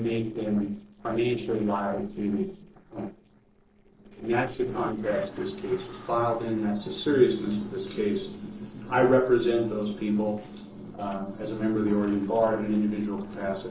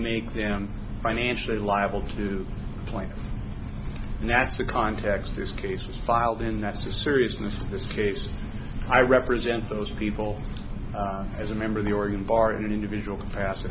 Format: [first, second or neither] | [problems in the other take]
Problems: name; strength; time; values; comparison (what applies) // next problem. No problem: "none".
second | noise reduction (neural separator model SepFormer DNS4)